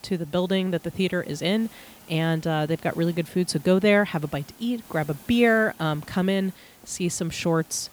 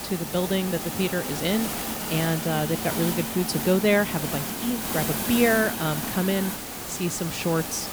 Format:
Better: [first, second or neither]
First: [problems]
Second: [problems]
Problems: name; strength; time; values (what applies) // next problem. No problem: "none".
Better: first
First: hiss; faint; throughout; 25 dB below the speech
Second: hiss; loud; throughout; 3 dB below the speech